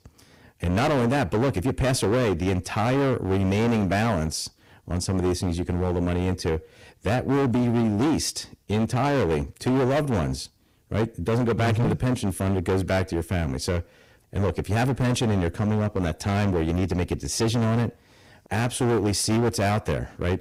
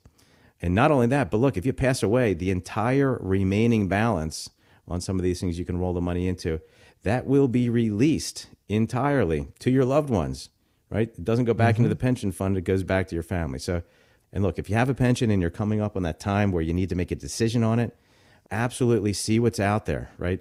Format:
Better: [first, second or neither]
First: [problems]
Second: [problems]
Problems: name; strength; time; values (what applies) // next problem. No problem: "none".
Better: second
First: distortion; heavy; 21% of the sound clipped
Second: none